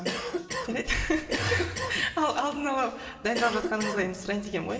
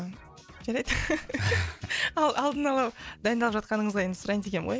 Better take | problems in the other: second | background sound (Cough); 5 dB below the speech // room echo; dies away in 1.6 s

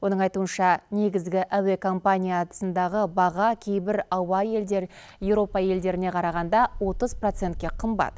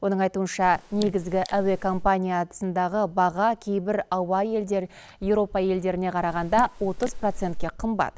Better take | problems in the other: first | noise reduction (neural mask model Resemble Enhance denoiser)

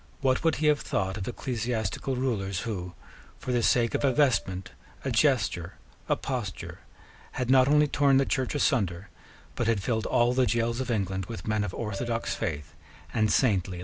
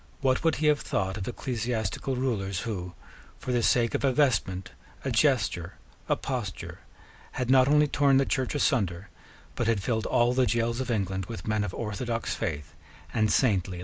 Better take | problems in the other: second | background sound (Piano); 13 dB below the speech

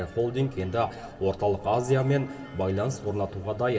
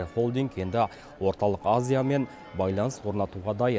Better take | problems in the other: second | room echo; dies away in 1.8 s

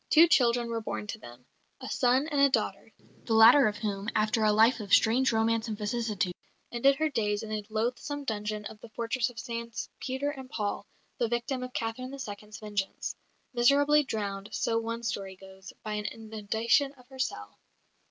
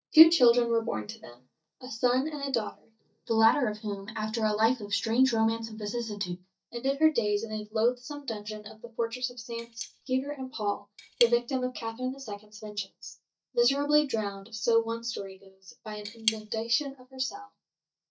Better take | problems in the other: first | noise reduction (neural mask model DeepFilterNet 3)

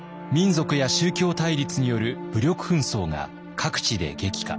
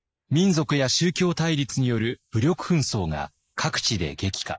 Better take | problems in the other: first | noise reduction (neural mask model Resemble Enhance denoiser)

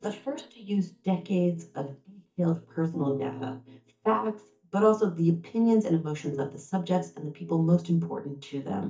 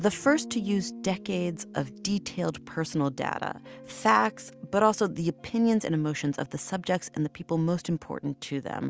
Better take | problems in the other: second | noise reduction (neural mask model DeepFilterNet 3)

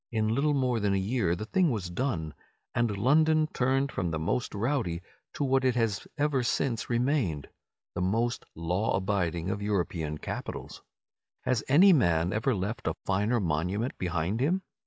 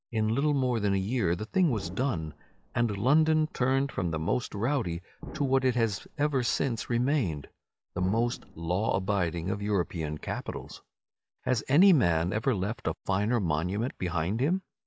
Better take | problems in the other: first | background sound (Explosion); 18 dB below the speech

